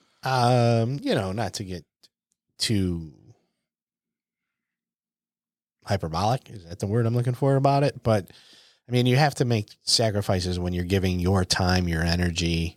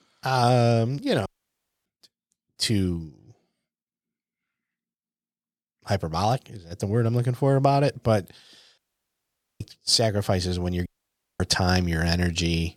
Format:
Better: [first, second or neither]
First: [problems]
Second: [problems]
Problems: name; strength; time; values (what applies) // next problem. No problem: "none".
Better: first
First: none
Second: audio cutting out; at 1.5 s for 0.5 s, at 9 s for 1 s and at 11 s for 0.5 s